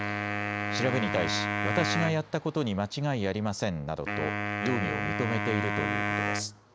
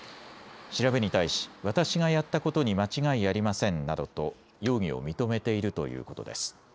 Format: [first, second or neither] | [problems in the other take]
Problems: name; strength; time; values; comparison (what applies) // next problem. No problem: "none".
second | background sound (Wind instrument, woodwind instrument); 1 dB below the speech